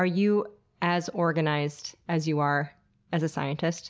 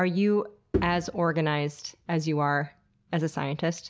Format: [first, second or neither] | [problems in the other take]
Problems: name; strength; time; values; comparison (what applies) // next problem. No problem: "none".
first | background sound (Bowed string instrument); 8 dB below the speech